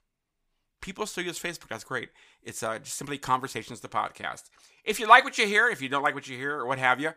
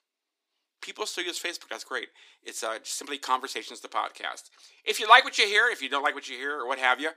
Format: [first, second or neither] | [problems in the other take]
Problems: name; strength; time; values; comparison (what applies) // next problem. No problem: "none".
first | thin; somewhat; fading below 300 Hz